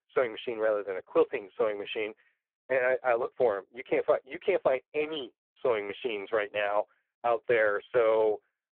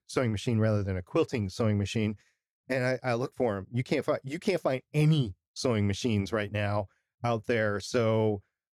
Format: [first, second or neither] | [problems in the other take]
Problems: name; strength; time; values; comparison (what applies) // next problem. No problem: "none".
second | phone-call audio; poor line